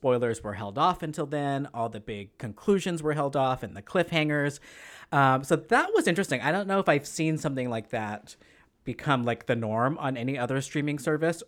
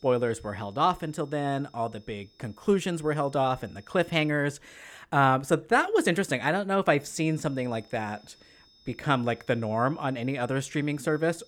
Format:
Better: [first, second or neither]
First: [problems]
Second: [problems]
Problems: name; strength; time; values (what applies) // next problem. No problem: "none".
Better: first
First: none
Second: high-pitched whine; faint; until 4.5 s and from 7 s on; 5 kHz, 30 dB below the speech